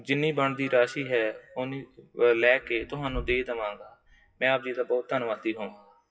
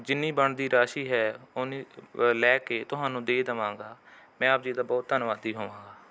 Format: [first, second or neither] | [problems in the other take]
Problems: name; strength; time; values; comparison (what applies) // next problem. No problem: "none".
second | noise reduction (classical method WPE with log-MMSE)